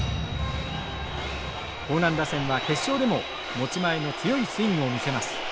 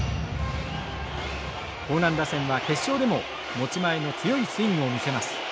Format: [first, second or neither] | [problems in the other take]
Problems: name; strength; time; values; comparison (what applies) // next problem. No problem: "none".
second | background sound (Chime); 15 dB below the speech